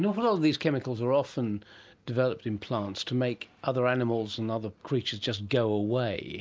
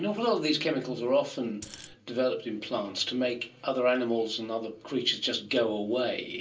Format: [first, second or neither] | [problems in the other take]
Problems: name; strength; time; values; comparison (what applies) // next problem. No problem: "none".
first | background sound (Coin (dropping)); 15 dB below the speech // room echo; dies away in 0.3 s